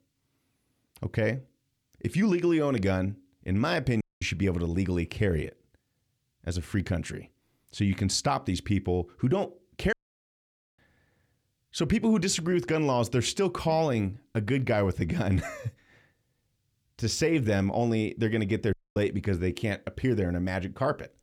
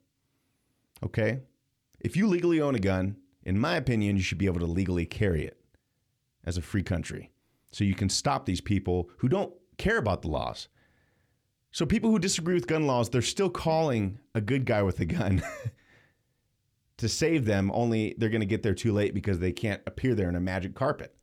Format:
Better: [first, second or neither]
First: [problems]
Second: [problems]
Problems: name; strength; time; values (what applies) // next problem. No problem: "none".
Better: second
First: audio cutting out; at 4 s, at 10 s for 1 s and at 19 s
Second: none